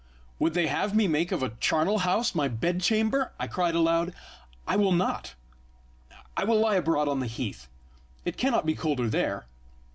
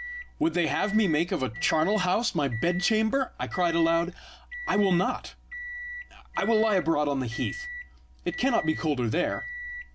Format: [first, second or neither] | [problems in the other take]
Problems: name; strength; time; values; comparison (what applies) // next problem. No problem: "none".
first | background sound (Microwave oven); 12 dB below the speech